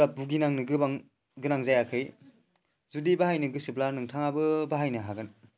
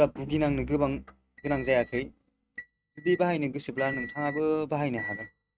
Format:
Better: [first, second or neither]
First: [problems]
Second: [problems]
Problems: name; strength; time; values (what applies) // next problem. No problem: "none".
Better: first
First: none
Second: noise reduction (neural mask model RNNoise)